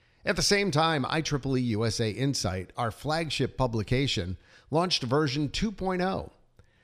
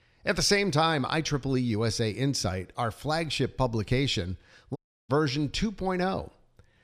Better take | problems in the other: first | audio cutting out; at 5 s

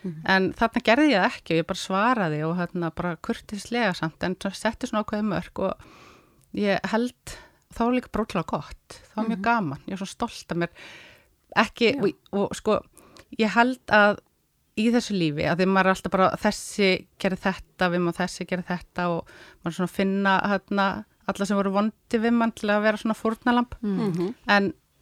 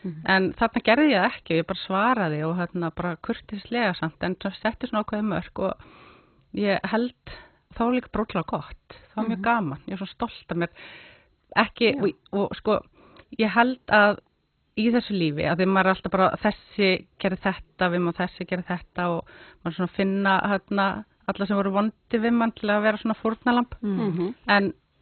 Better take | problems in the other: first | garbled, watery; badly; nothing above 4 kHz

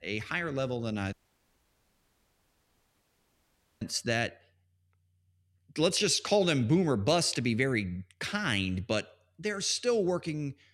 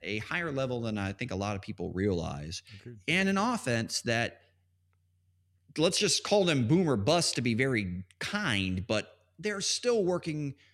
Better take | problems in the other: second | audio cutting out; at 1 s for 2.5 s

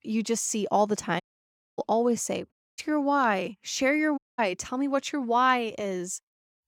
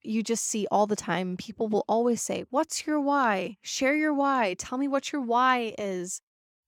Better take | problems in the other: second | audio cutting out; at 1 s for 0.5 s, at 2.5 s and at 4 s

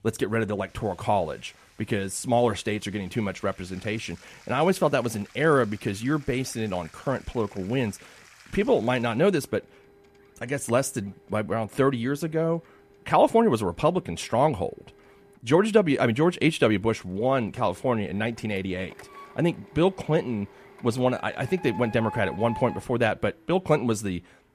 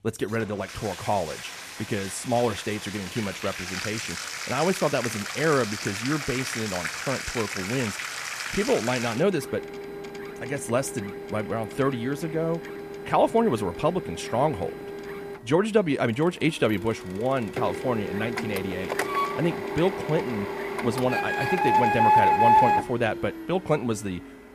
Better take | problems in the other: first | household noises; loud; throughout; 2 dB below the speech; faint in the first

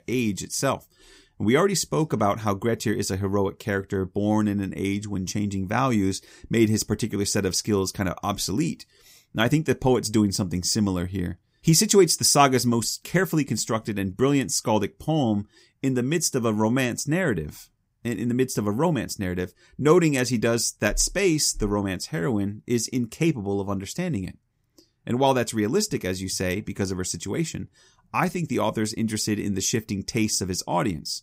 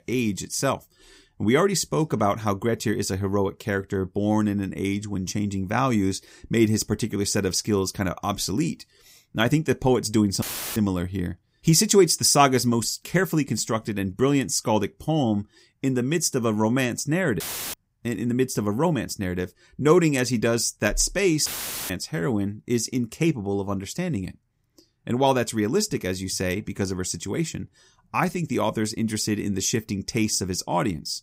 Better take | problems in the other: first | audio cutting out; filled with static; at 10 s, at 17 s and at 21 s

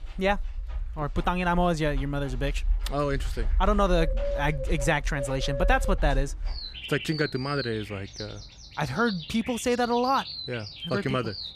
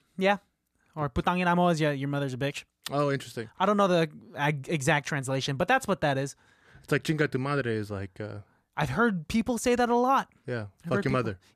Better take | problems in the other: second | animal sounds; loud; throughout; 7 dB below the speech

